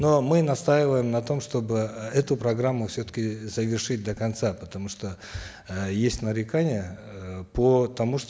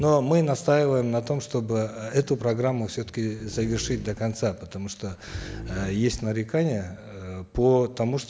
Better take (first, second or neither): first